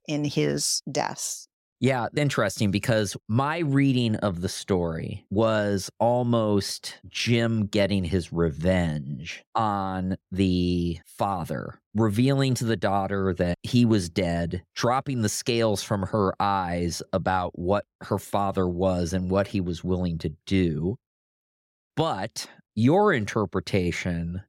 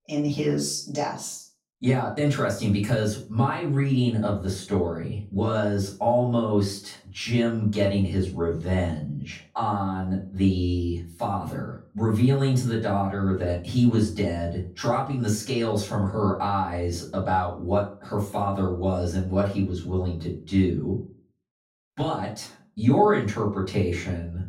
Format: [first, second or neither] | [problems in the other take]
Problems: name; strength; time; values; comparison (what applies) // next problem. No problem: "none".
first | off-mic speech; far // room echo; slight; dies away in 0.3 s